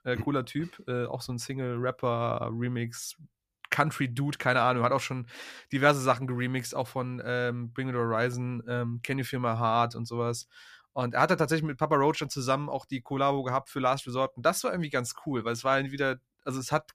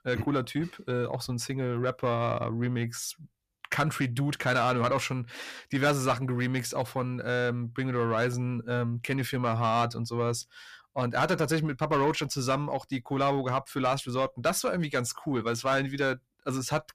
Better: first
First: none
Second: distortion; slight; 10 dB below the speech

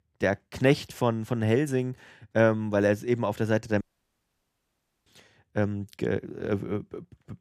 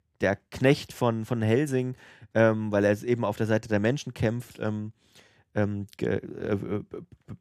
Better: second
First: audio cutting out; at 4 s for 1 s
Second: none

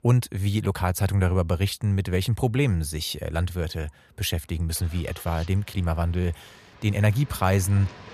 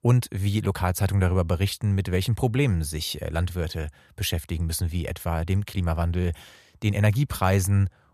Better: second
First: traffic noise; faint; throughout; 25 dB below the speech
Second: none

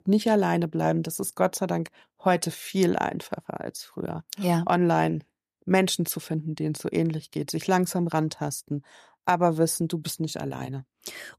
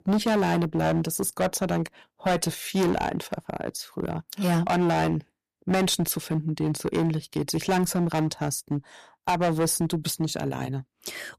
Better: first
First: none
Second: distortion; heavy; 10% of the sound clipped

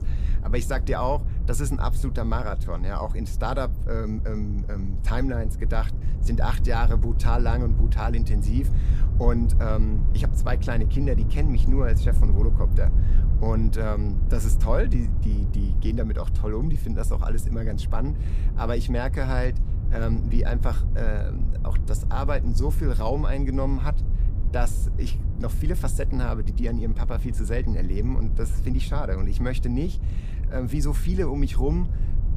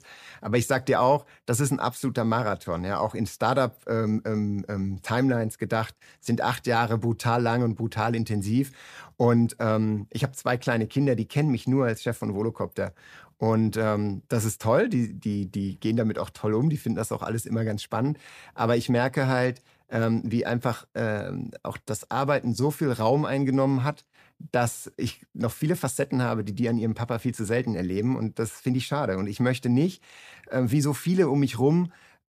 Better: second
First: low rumble; noticeable; throughout; 10 dB below the speech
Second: none

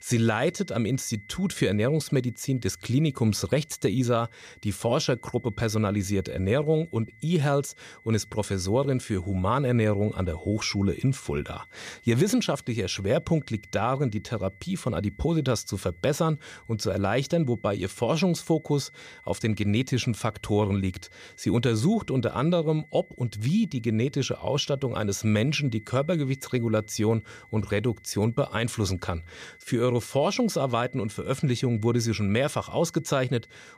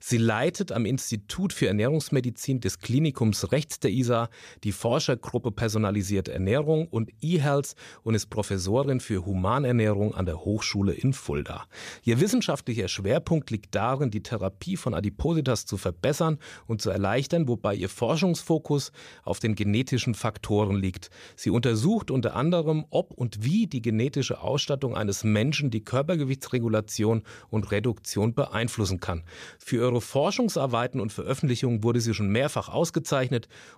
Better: second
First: high-pitched whine; faint; throughout; 2 kHz, 25 dB below the speech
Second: none

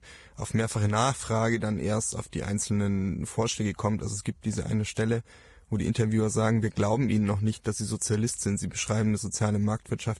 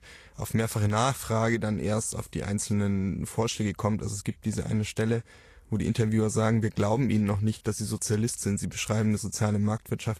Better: second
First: garbled, watery; badly; nothing above 10 kHz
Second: garbled, watery; slightly; nothing above 13 kHz

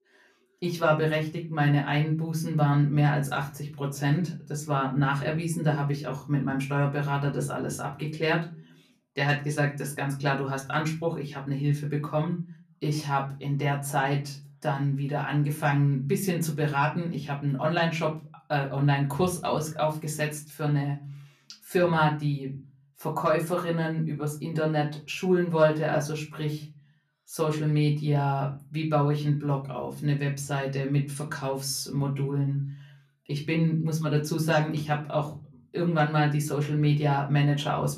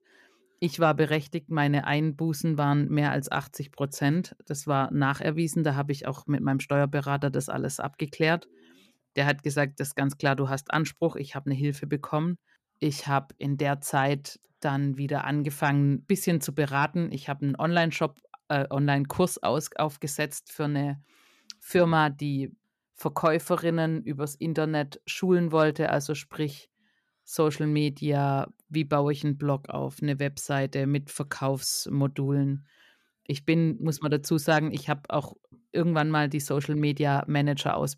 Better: second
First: off-mic speech; far // room echo; very slight; dies away in 0.3 s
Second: none

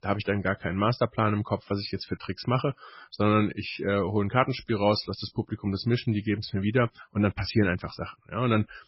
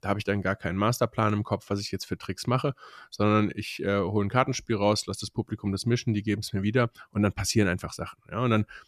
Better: second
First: garbled, watery; badly; nothing above 5.5 kHz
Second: none

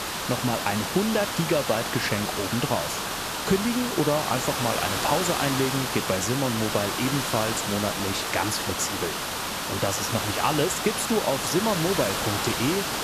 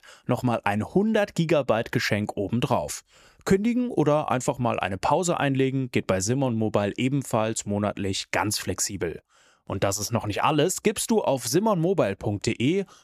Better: second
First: hiss; loud; throughout; 1 dB below the speech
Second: none

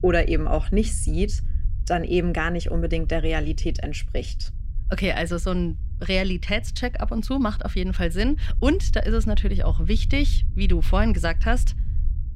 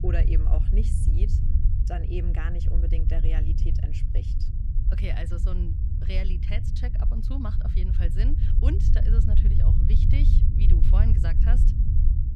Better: first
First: low rumble; faint; throughout; 20 dB below the speech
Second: low rumble; loud; throughout; 1 dB below the speech

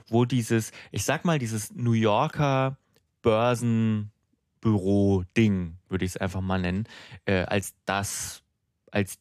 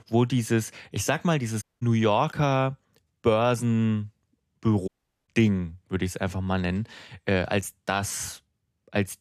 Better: first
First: none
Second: audio cutting out; at 1.5 s and at 5 s

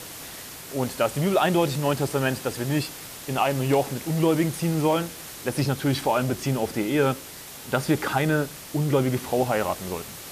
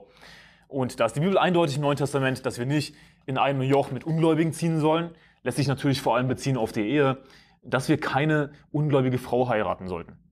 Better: second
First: hiss; noticeable; throughout; 10 dB below the speech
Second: none

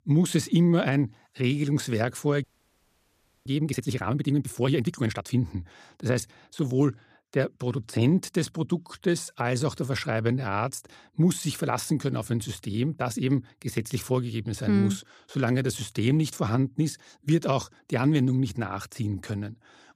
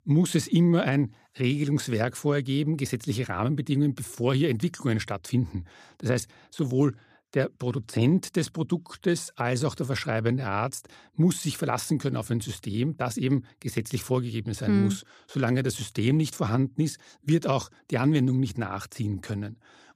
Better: second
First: audio freezing; at 2.5 s for 1 s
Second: none

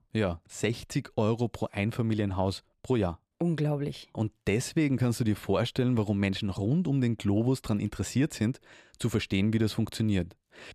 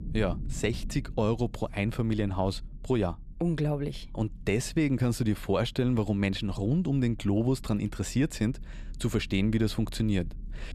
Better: first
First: none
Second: low rumble; faint; throughout; 25 dB below the speech

